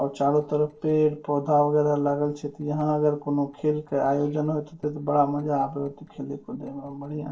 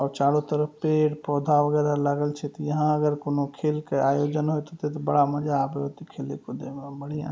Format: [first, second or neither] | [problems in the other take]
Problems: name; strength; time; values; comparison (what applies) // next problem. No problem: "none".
second | noise reduction (neural separator model SepFormer DNS4)